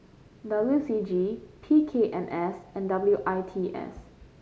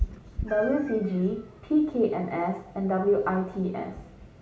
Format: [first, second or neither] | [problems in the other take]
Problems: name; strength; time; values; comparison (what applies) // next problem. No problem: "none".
first | background sound (Meow); 11 dB below the speech // room echo; dies away in 0.4 s